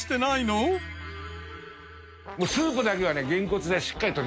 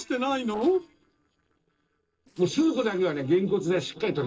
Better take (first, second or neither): first